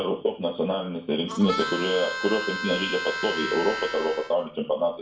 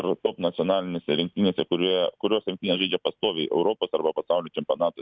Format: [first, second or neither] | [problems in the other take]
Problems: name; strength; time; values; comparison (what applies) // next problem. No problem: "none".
second | background sound (Harmonica); 6 dB below the speech // room echo; dies away in 0.4 s